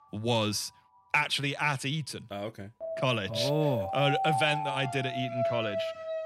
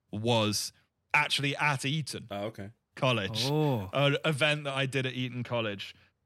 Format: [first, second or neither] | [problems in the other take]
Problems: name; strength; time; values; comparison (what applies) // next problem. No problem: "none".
second | alarms or sirens; loud; throughout; 3 dB below the speech